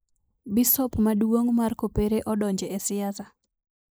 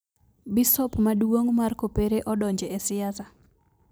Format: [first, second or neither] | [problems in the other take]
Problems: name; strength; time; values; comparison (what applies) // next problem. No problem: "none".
second | noise reduction (neural mask model Resemble Enhance denoiser)